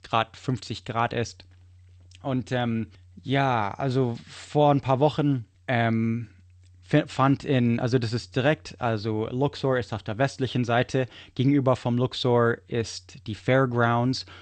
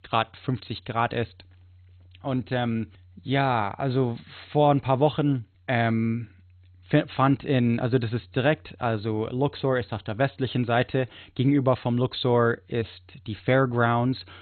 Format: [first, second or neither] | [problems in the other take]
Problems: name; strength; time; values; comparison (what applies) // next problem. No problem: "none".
first | garbled, watery; badly; nothing above 4 kHz; slightly in the first